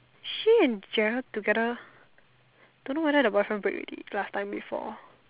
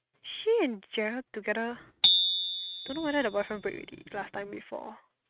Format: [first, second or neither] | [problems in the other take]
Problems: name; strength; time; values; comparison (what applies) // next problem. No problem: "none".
first | noise reduction (neural mask model RNNoise)